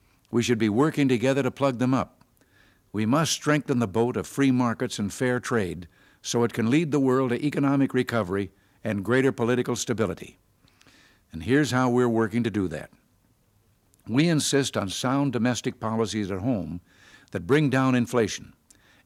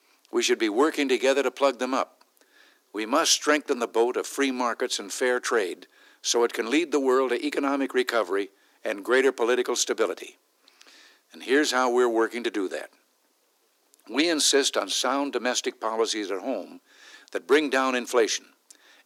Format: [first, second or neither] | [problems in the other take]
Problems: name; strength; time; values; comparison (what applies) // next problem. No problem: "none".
first | thin; somewhat; fading below 300 Hz